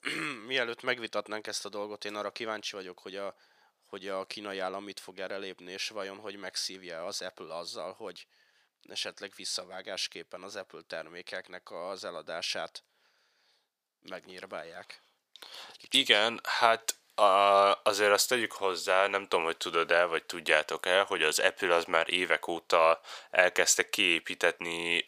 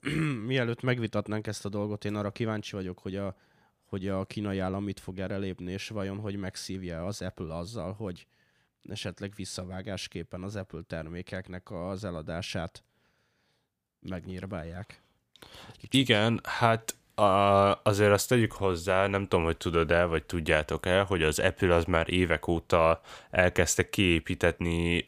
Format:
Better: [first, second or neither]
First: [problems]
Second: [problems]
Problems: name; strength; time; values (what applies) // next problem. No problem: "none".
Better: second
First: thin; very; fading below 550 Hz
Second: none